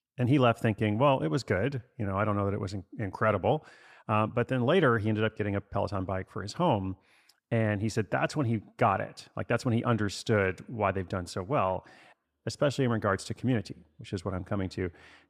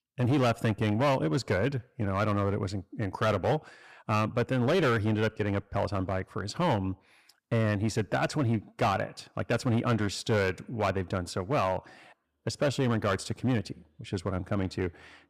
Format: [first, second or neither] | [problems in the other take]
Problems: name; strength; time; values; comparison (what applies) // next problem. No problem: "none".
first | distortion; slight; 8% of the sound clipped